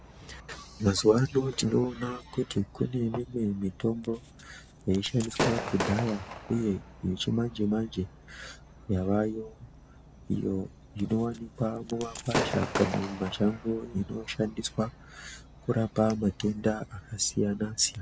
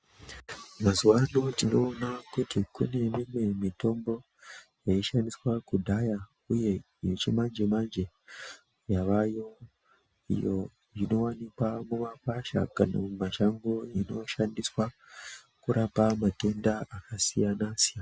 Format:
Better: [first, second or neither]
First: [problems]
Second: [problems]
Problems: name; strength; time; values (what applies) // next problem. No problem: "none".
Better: second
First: background sound (Gunshot, gunfire / Fireworks); 10 dB below the speech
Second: none